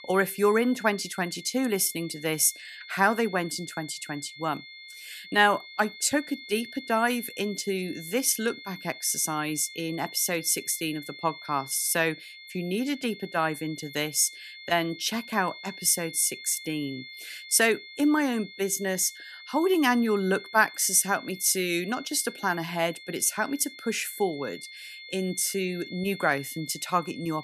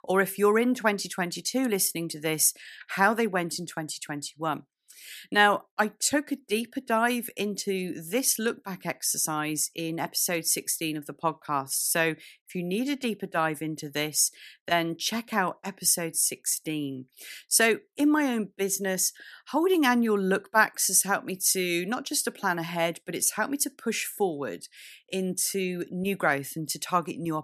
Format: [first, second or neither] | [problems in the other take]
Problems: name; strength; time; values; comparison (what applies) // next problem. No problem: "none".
second | high-pitched whine; noticeable; throughout; 2 kHz, 15 dB below the speech